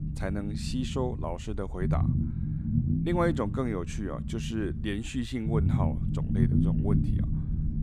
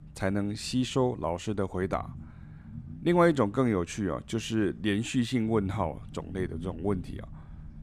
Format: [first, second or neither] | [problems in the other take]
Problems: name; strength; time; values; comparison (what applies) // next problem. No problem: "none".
second | low rumble; loud; throughout; 4 dB below the speech; faint in the second